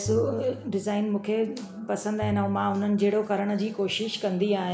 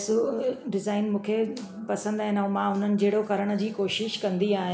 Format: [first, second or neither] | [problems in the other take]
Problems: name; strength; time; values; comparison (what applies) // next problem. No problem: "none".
second | background sound (Piano); 13 dB below the speech